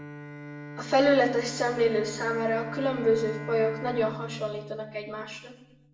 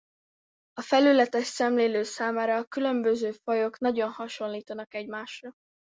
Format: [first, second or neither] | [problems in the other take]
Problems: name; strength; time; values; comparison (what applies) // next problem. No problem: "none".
second | background sound (Bowed string instrument); 12 dB below the speech // room echo; dies away in 0.8 s